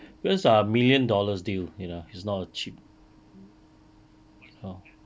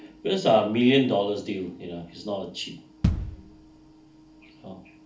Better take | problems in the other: first | background sound (Bass drum); 4 dB below the speech // room echo; dies away in 0.4 s

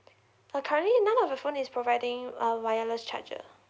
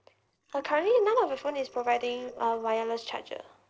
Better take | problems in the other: first | noise reduction (neural separator model SepFormer DNS4)

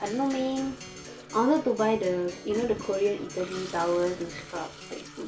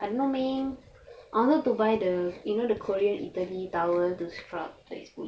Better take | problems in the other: second | background sound (Toilet flush + Acoustic guitar); 14 dB below the speech

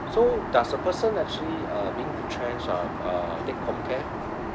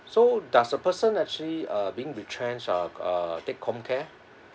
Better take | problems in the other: second | background sound (Aircraft); 4 dB below the speech

